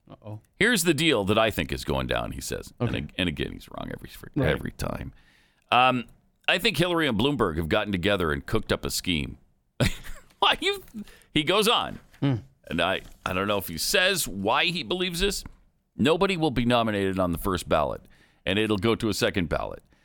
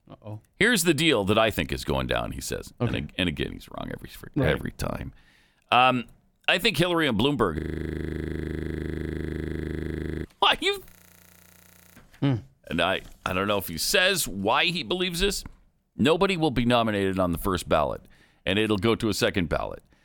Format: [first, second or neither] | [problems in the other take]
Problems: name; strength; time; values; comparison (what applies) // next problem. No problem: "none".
first | audio freezing; at 7.5 s for 2.5 s and at 11 s for 1 s